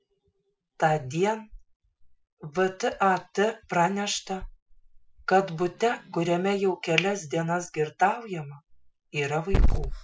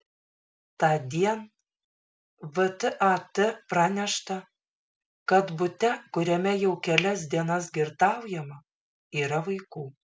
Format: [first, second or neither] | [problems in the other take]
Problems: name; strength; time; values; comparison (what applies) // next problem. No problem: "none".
second | noise reduction (classical method Wiener filter)